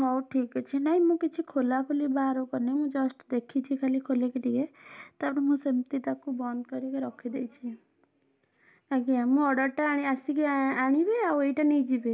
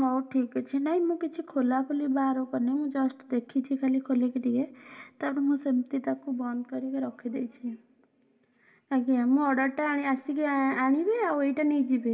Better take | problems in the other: first | room echo; dies away in 0.5 s

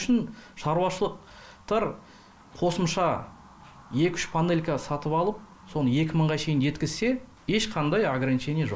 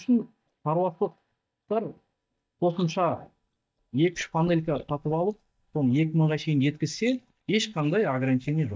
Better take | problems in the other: first | noise reduction (neural mask model DeepFilterNet 3)

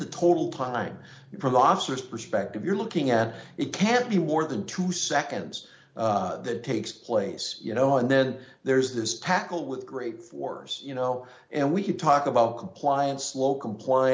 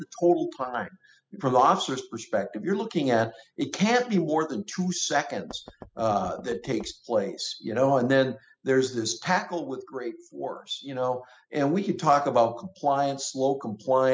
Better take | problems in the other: first | noise reduction (classical method spectral subtraction)

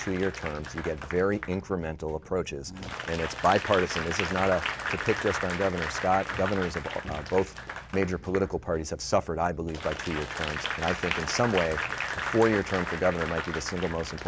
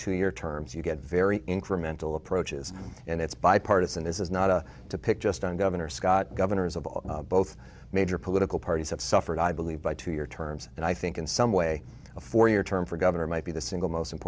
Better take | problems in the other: second | background sound (Applause / Crowd); 6 dB below the speech

